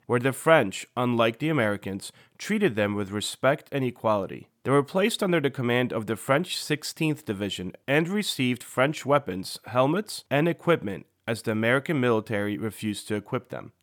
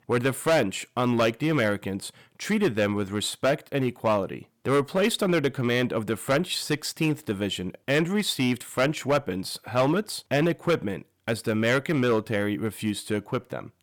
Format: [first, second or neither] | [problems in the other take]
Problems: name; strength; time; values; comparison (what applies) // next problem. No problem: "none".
first | distortion; slight; 5% of the sound clipped